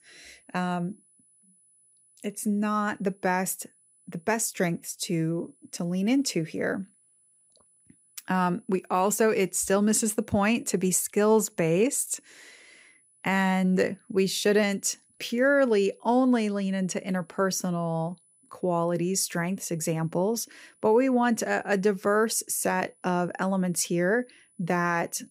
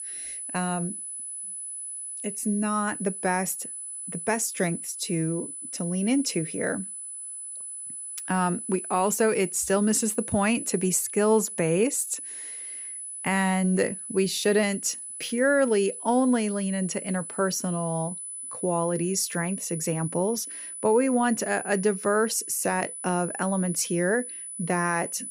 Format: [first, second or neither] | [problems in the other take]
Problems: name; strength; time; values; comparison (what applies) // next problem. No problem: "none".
first | high-pitched whine; loud; throughout; 10 kHz, 8 dB below the speech; faint in the first